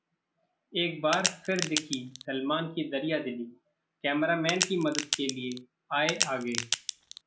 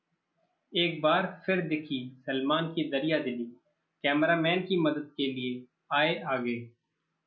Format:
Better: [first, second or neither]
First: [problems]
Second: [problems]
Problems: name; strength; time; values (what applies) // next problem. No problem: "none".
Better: second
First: background sound (Crack); 2 dB below the speech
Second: none